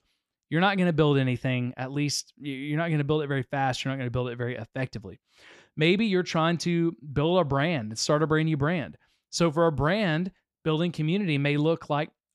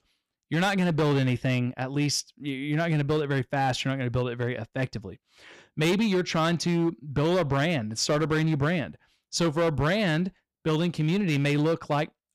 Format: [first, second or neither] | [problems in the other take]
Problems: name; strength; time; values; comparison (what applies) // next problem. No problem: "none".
first | distortion; slight; 11% of the sound clipped